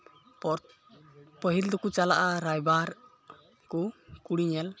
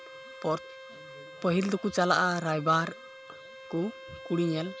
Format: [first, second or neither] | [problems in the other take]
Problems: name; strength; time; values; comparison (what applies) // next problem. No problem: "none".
first | background sound (Bowed string instrument); 16 dB below the speech